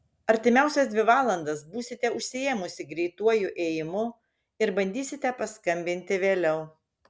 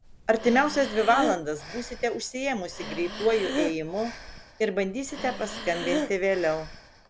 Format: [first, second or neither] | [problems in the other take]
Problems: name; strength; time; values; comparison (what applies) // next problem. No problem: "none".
first | background sound (Breathing); 8 dB below the speech